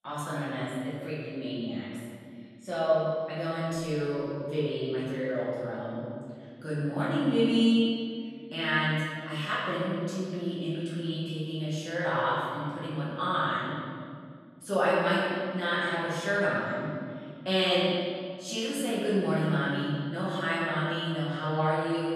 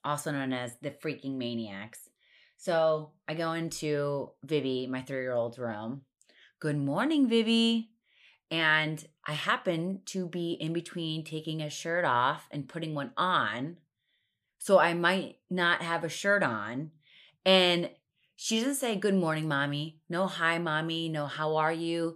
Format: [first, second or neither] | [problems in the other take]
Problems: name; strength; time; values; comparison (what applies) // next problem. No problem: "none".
second | off-mic speech; far // room echo; strong; dies away in 2.1 s